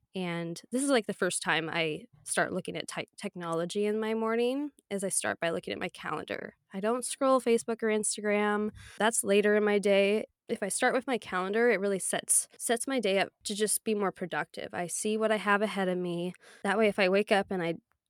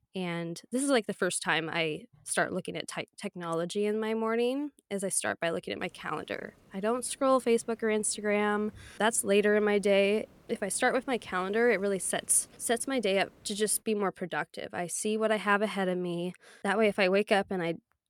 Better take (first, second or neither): first